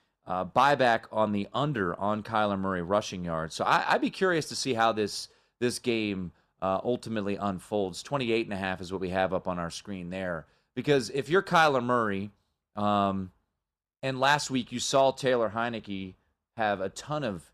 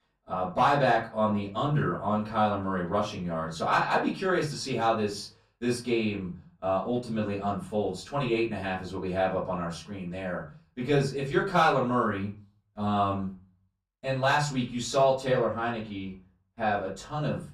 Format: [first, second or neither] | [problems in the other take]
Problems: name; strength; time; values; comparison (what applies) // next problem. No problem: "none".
first | off-mic speech; far // room echo; slight; dies away in 0.3 s